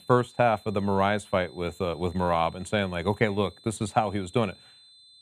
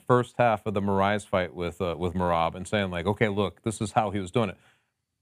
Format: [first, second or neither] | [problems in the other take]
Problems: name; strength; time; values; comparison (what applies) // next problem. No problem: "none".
second | high-pitched whine; faint; throughout; 4 kHz, 25 dB below the speech